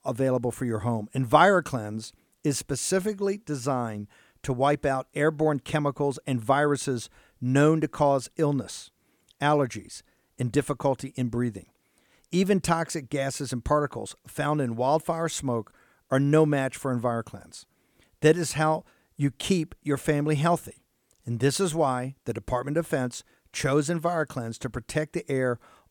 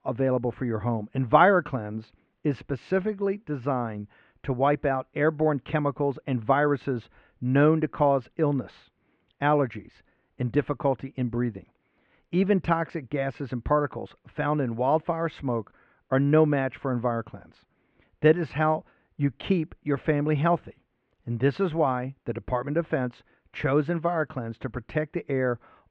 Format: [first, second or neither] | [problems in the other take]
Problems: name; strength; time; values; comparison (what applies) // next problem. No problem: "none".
first | muffled; very; fading above 2.5 kHz